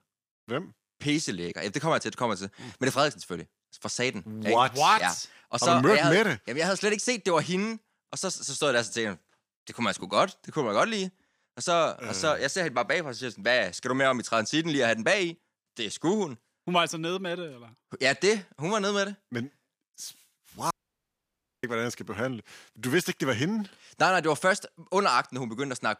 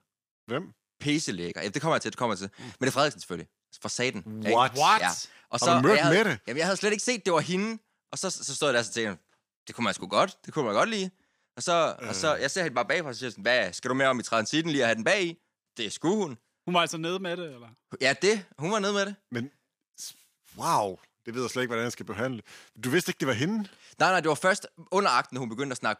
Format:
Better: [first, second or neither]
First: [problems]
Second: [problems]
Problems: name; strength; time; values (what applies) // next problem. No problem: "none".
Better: second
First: audio cutting out; at 21 s for 1 s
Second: none